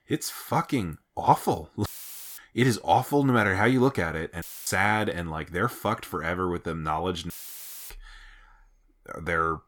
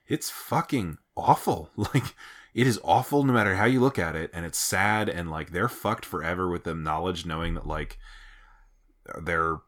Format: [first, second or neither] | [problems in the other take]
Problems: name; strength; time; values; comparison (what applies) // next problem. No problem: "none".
second | audio cutting out; filled with static; at 2 s for 0.5 s, at 4.5 s and at 7.5 s for 0.5 s